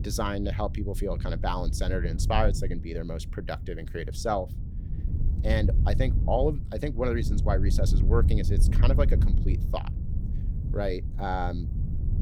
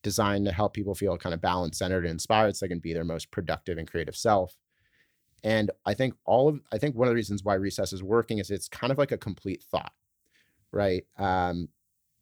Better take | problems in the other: second | wind noise on the microphone; occasional gusts; 10 dB below the speech

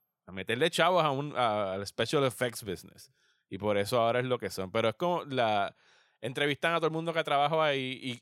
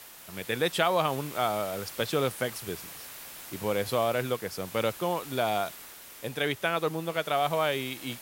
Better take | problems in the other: first | hiss; noticeable; throughout; 15 dB below the speech

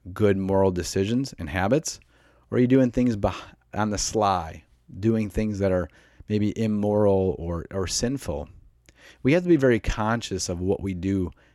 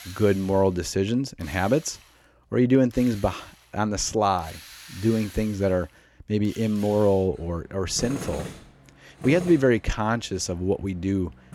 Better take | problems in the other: first | machinery noise; noticeable; throughout; 15 dB below the speech

